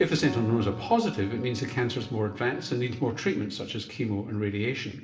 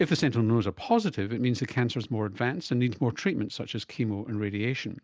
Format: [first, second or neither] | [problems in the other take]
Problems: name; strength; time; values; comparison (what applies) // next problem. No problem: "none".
second | background sound (Keyboard (musical)); 19 dB below the speech // room echo; dies away in 0.7 s